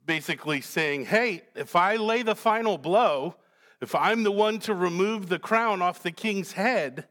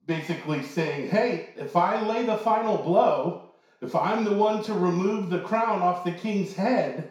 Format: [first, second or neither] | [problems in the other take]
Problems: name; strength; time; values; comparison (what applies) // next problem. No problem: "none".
first | room echo; noticeable; dies away in 0.6 s // off-mic speech; far